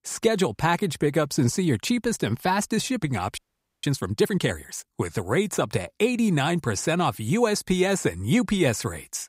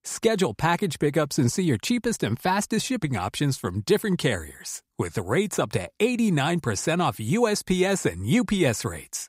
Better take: second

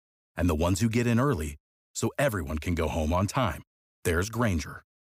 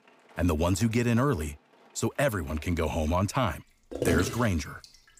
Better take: first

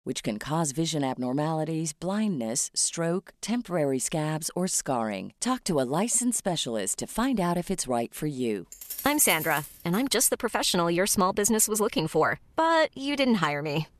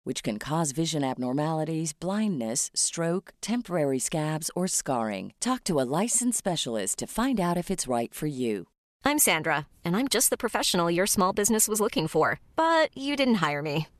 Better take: second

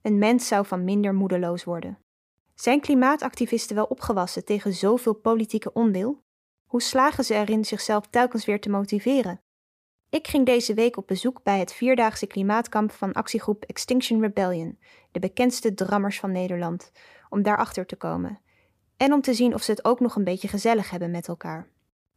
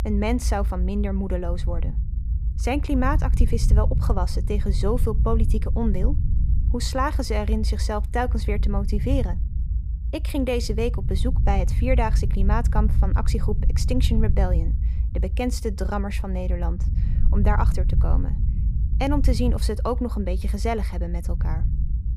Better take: first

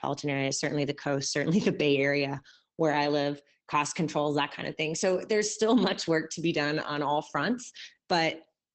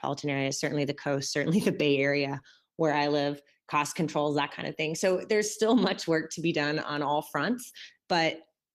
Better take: second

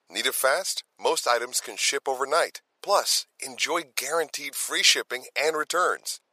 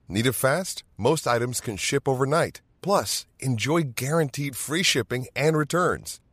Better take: second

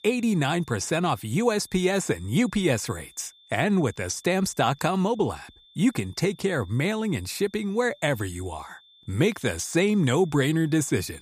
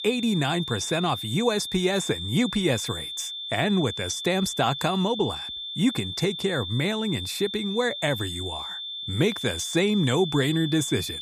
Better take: first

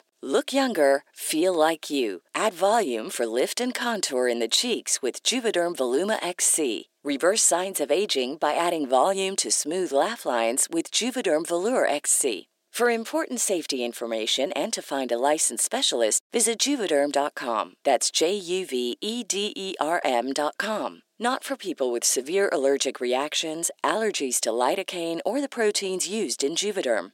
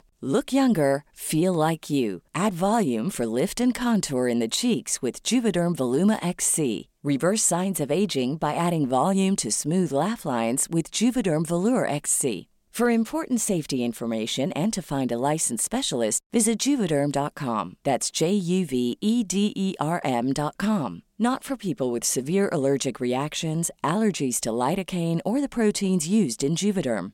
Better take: second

